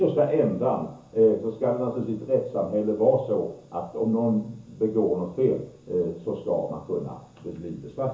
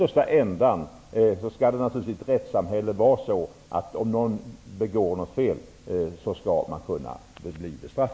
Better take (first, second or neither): second